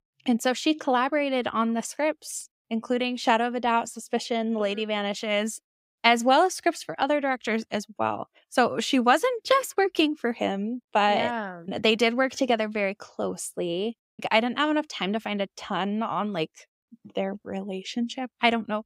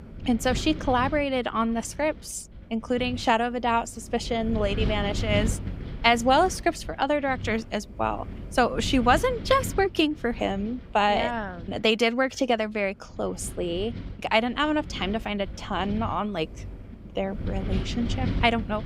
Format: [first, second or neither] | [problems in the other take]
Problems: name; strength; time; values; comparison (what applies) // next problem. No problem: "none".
first | wind noise on the microphone; occasional gusts; 20 dB below the speech